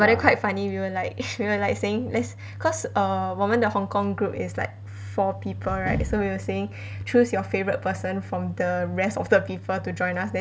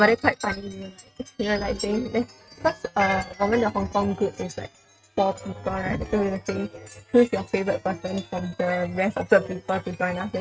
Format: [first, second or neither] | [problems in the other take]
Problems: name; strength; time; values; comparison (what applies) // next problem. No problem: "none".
first | noise reduction (neural mask model RNNoise)